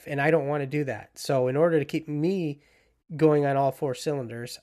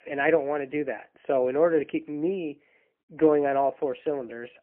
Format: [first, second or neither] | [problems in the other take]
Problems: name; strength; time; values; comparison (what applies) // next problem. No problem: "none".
first | phone-call audio; poor line